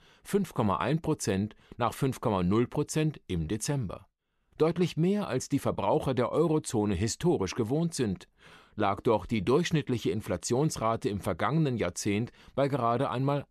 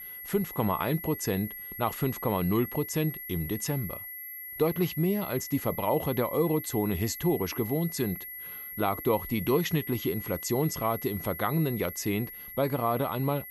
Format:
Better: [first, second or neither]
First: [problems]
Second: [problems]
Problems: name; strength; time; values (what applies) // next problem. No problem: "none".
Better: first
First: none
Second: high-pitched whine; loud; throughout; 11.5 kHz, 8 dB below the speech